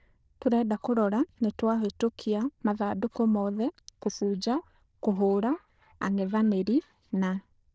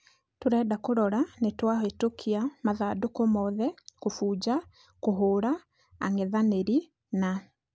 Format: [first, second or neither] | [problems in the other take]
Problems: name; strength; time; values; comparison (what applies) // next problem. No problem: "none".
second | noise reduction (neural diffusion model UNIVERSE++)